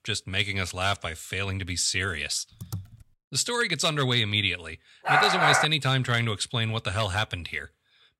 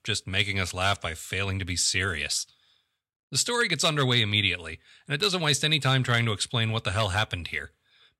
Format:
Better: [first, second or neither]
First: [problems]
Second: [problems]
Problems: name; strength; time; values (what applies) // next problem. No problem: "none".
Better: second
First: keyboard typing; faint; at 2.5 s; peak 10 dB below the speech // dog barking; loud; at 5 s; peak 5 dB above the speech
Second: none